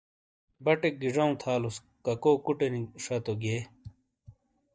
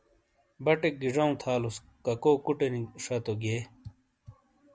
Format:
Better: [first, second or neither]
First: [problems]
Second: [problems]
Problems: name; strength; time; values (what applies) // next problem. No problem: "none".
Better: second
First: noise reduction (neural mask model DeepFilterNet 3)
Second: none